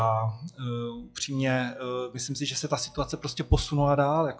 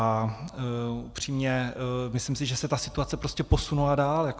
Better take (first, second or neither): second